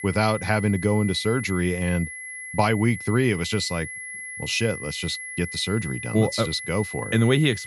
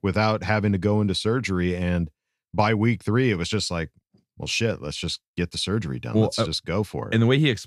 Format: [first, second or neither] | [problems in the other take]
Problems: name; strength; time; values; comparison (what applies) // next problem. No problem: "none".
second | high-pitched whine; loud; throughout; 2 kHz, 10 dB below the speech